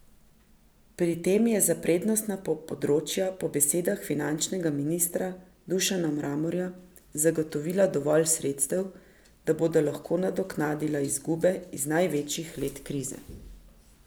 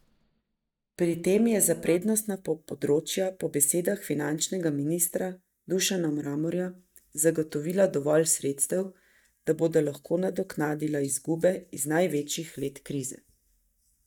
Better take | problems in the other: first | noise reduction (neural mask model DeepFilterNet 3)

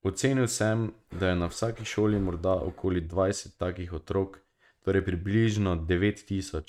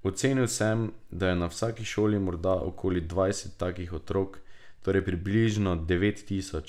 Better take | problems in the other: second | noise reduction (neural mask model RNNoise)

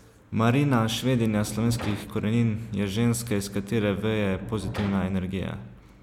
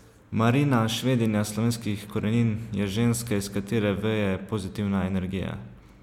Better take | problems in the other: second | background sound (Sliding door); 14 dB below the speech

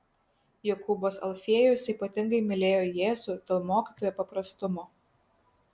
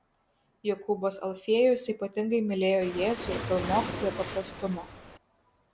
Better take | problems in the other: first | background sound (Waves, surf); 7 dB below the speech

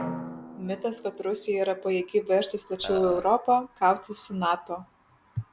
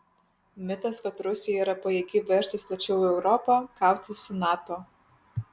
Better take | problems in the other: second | background sound (Drum + Burping, eructation); 15 dB below the speech

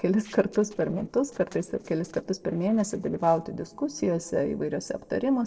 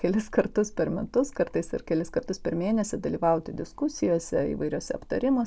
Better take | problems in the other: second | noise reduction (neural separator model SepFormer DNS4)

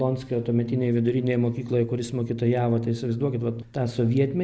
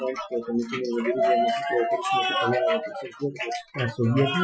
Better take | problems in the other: first | noise reduction (classical method Wiener filter)

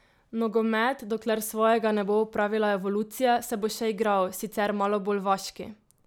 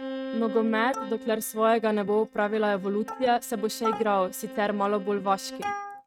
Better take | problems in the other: first | noise reduction (neural mask model RNNoise)

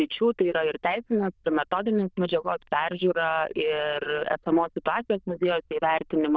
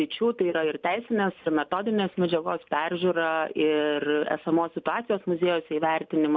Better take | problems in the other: second | noise reduction (neural diffusion model UNIVERSE++)

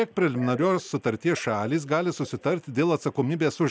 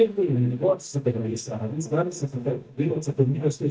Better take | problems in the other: first | noise reduction (neural mask model DeepFilterNet 3)

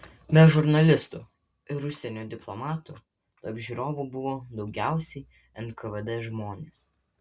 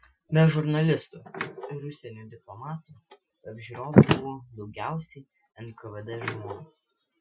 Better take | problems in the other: first | noise reduction (classical method Wiener filter)

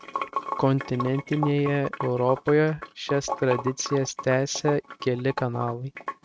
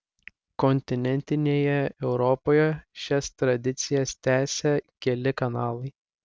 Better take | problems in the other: second | noise reduction (neural mask model RNNoise)

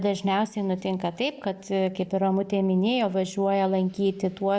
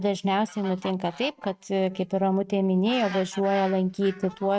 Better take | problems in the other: first | noise reduction (neural mask model RNNoise)

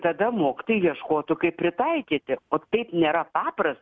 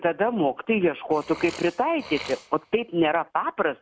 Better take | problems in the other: first | background sound (Burping, eructation); 20 dB below the speech

